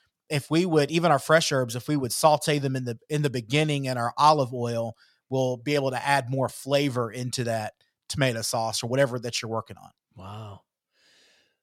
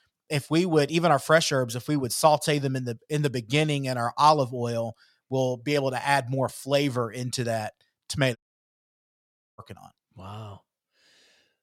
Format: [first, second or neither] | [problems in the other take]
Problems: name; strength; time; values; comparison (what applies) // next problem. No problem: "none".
first | audio cutting out; at 8.5 s for 1 s